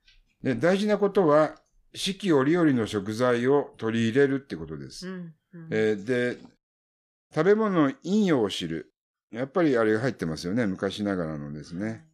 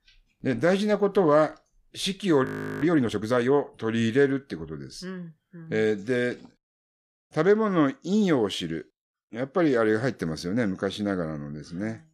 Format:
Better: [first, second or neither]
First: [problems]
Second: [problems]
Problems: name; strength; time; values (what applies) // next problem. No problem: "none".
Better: first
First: none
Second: audio freezing; at 2.5 s